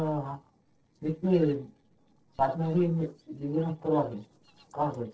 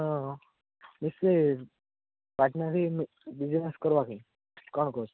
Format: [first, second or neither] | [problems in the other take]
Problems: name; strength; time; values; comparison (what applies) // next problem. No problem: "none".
second | noise reduction (neural separator model SepFormer DNS4)